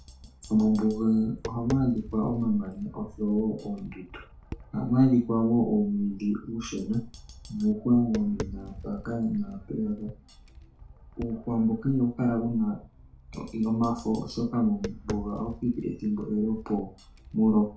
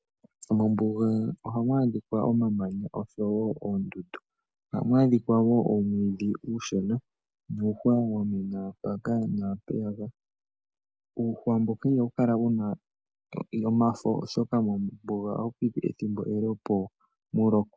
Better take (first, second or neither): second